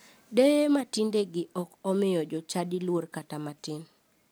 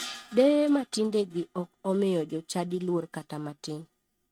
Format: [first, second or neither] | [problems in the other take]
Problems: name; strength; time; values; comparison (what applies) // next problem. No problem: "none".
first | noise reduction (neural mask model RNNoise)